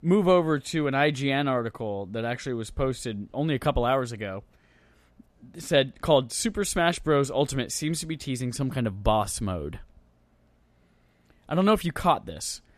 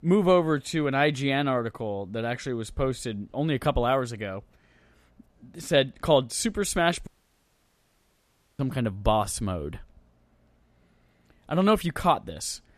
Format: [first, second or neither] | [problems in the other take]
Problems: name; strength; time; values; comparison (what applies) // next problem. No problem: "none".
first | audio cutting out; at 7 s for 1.5 s